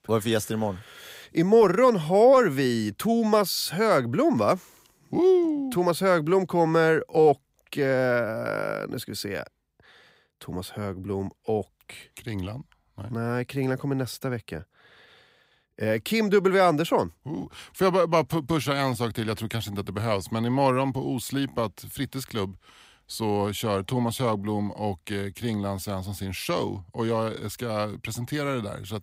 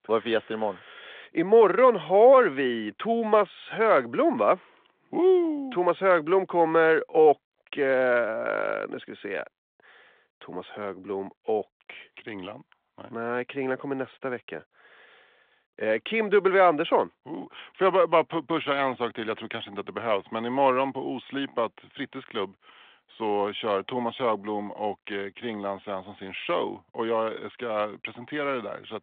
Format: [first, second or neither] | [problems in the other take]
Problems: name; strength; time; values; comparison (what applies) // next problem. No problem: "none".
first | phone-call audio